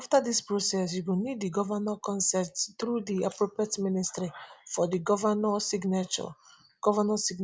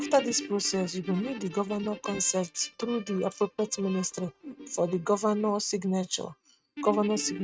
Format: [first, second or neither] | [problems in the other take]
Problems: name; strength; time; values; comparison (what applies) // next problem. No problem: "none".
first | noise reduction (neural mask model RNNoise)